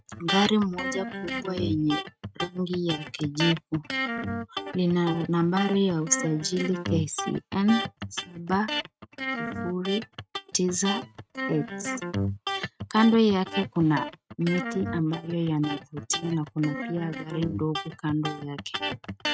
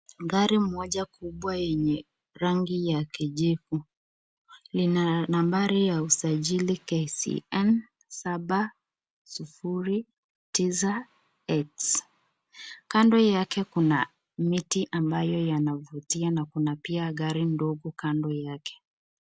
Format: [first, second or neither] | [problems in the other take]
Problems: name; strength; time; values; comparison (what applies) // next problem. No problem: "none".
second | noise reduction (neural mask model RNNoise)